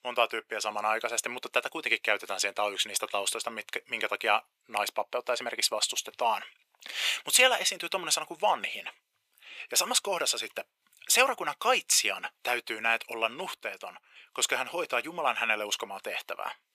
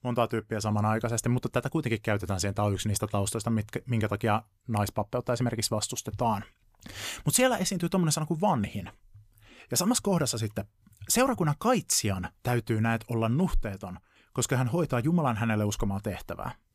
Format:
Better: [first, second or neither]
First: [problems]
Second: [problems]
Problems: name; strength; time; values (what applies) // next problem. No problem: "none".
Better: second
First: thin; very; fading below 500 Hz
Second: none